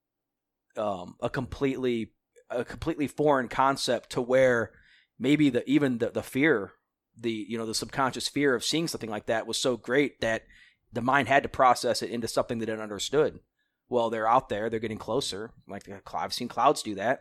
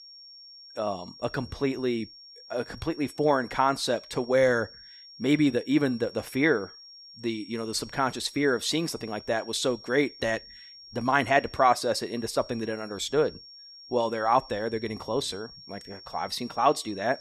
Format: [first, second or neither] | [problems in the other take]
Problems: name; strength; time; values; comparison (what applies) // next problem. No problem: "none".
first | high-pitched whine; noticeable; throughout; 5.5 kHz, 20 dB below the speech